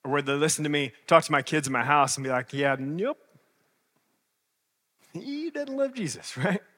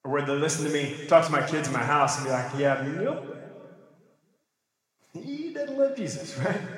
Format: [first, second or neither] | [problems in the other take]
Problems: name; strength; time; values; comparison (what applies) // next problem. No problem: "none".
first | room echo; noticeable; dies away in 1.9 s // off-mic speech; somewhat distant